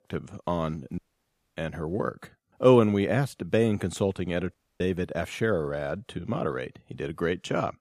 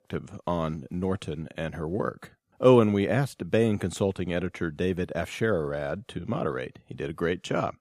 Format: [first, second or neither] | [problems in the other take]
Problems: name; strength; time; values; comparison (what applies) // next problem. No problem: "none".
second | audio cutting out; at 1 s for 0.5 s and at 4.5 s